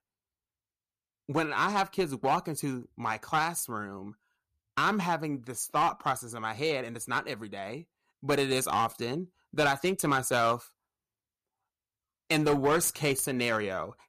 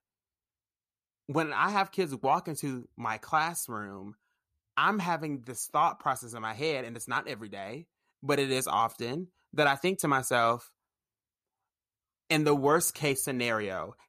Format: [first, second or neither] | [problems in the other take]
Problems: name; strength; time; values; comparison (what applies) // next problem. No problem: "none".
second | distortion; slight; 4% of the sound clipped